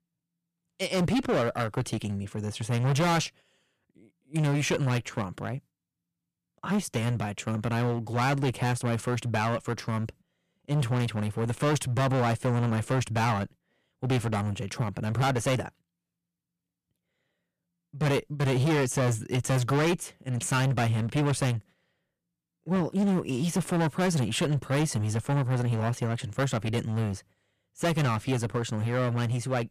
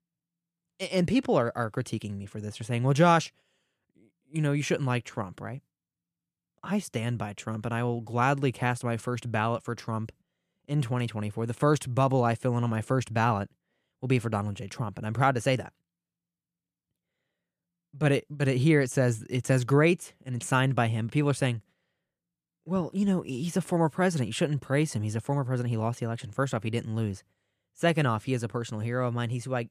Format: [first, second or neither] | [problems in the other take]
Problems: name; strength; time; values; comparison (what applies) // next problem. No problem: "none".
second | distortion; heavy; 15% of the sound clipped